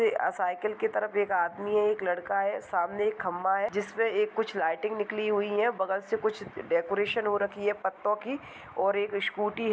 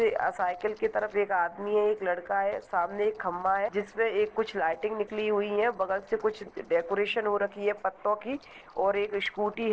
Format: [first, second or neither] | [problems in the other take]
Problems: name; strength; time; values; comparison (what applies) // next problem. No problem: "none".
first | noise reduction (neural separator model SepFormer DNS4)